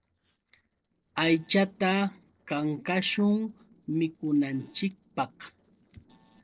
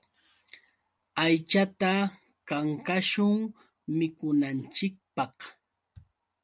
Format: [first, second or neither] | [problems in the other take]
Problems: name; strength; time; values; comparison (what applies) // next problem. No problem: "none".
second | noise reduction (neural separator model SepFormer DNS4)